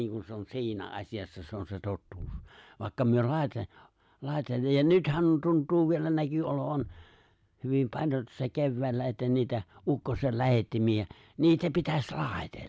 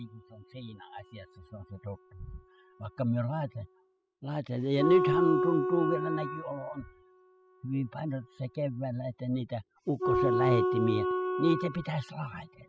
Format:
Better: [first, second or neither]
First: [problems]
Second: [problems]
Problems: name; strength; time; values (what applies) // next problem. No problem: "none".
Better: first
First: none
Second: noise reduction (classical method spectral subtraction)